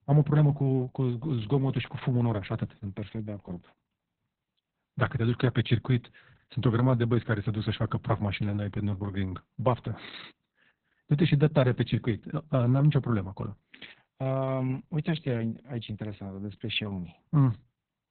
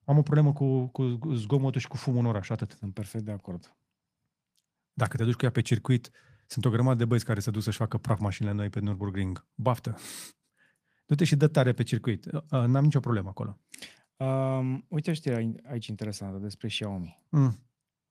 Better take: second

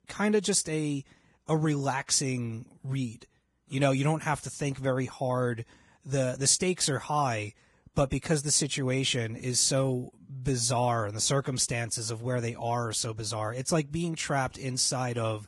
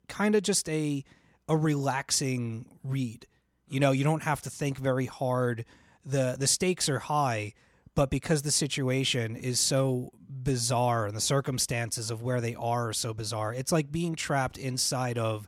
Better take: second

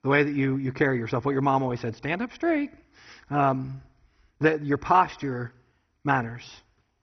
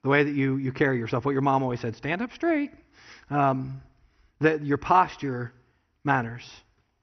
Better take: second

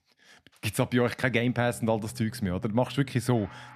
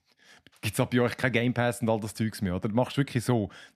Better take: second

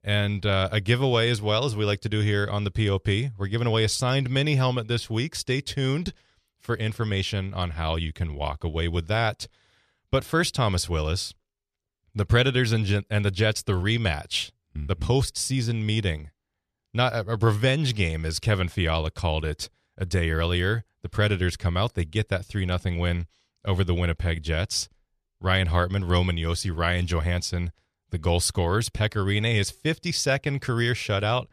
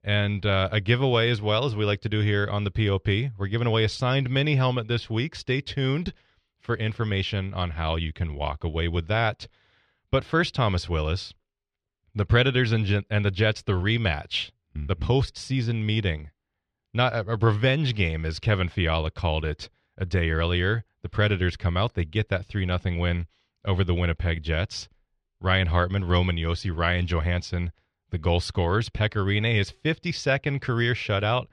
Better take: first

